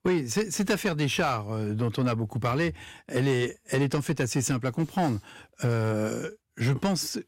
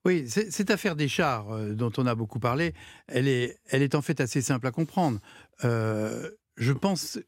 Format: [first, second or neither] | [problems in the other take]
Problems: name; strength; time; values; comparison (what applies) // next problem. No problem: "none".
second | distortion; slight; 10 dB below the speech